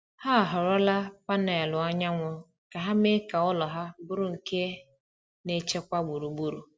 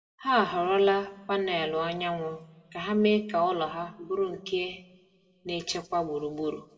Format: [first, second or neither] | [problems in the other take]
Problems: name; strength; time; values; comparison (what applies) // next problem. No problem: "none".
first | room echo; dies away in 1.4 s